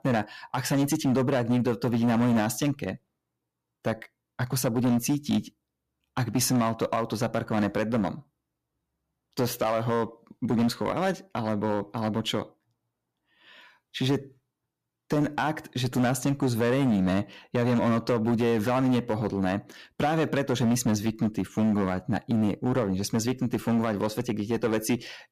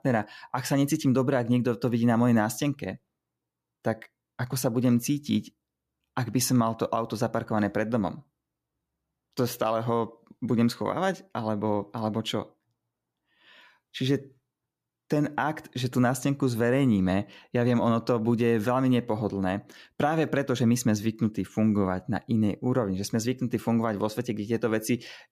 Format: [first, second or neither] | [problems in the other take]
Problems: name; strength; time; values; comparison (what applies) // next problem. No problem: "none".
second | distortion; slight; 9% of the sound clipped